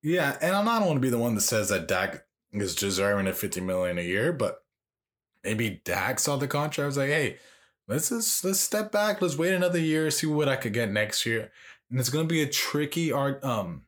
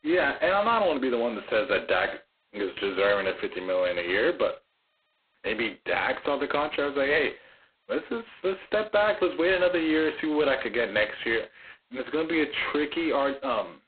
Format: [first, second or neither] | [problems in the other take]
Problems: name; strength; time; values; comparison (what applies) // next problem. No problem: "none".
first | phone-call audio; poor line; nothing above 4 kHz